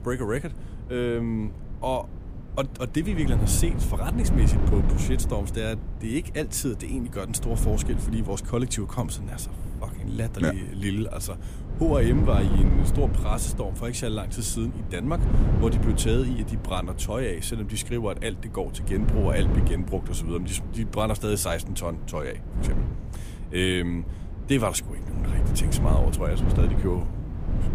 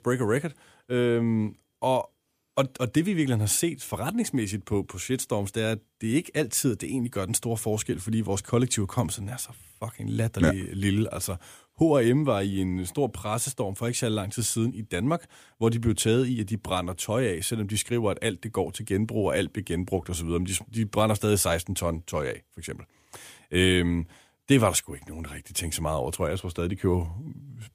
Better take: second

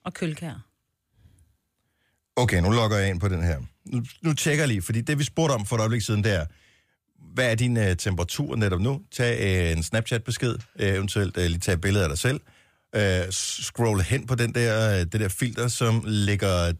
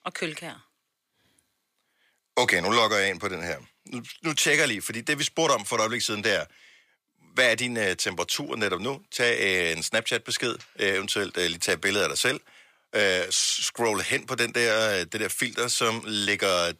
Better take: first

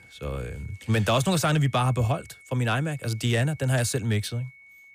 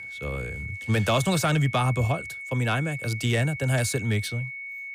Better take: first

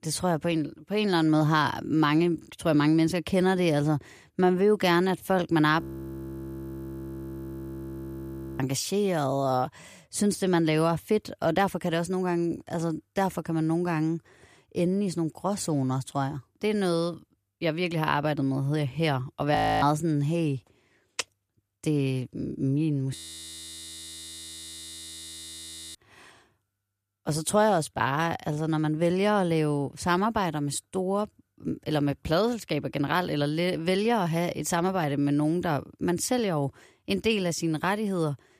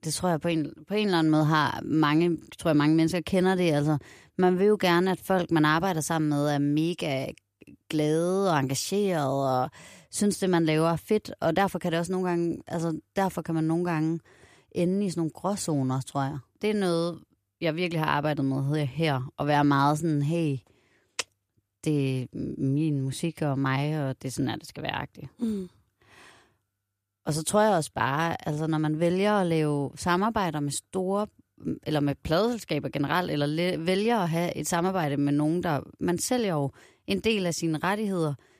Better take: second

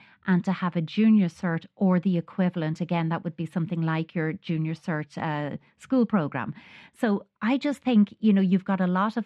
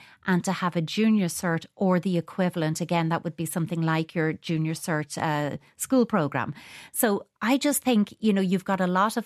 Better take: second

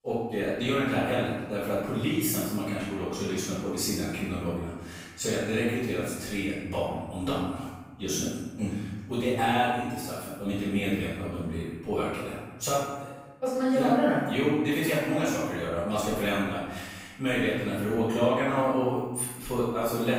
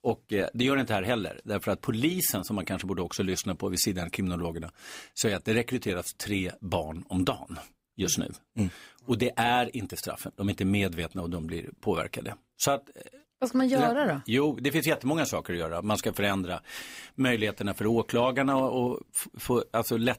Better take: second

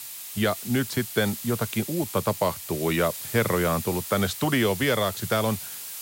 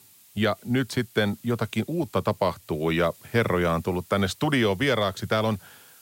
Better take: second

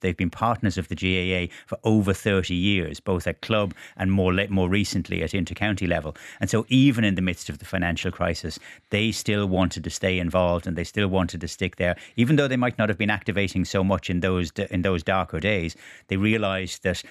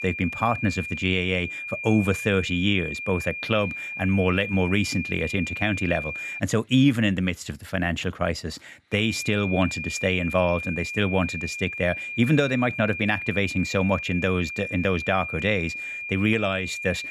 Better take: first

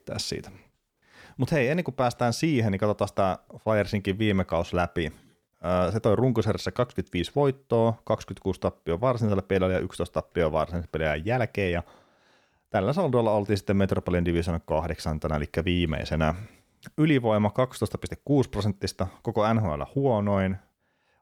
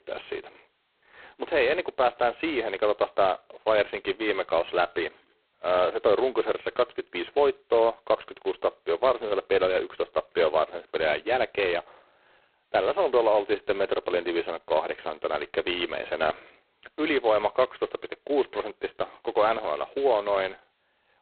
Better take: first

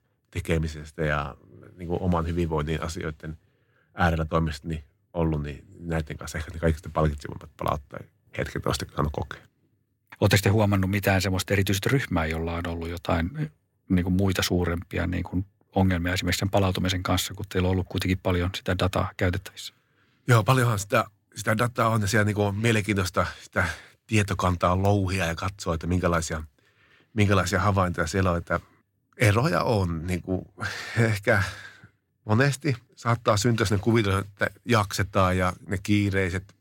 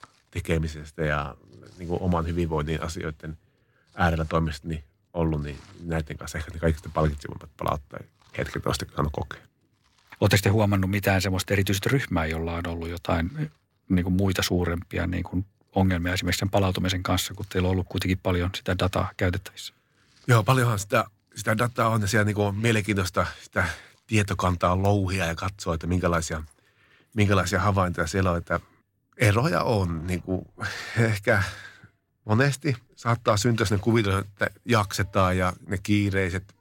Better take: first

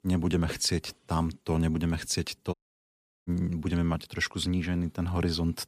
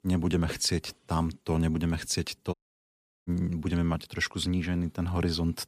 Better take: neither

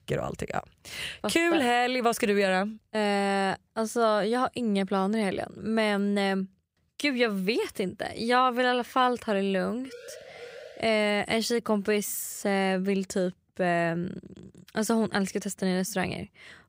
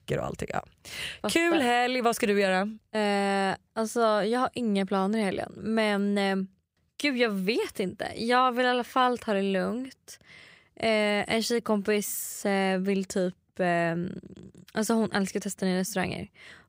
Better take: second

